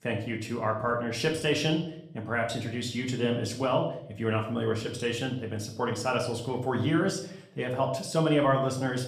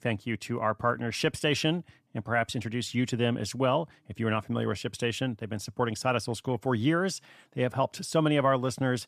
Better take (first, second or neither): second